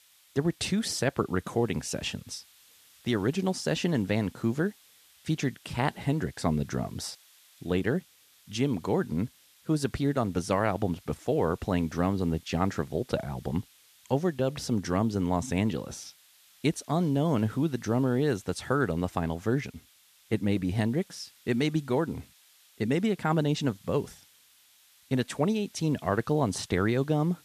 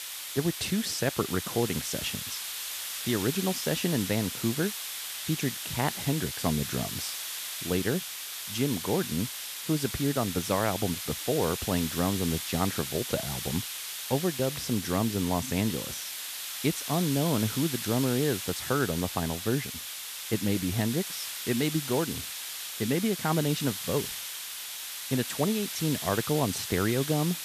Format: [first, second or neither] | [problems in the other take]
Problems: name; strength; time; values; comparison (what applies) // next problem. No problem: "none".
first | hiss; loud; throughout; 4 dB below the speech; faint in the first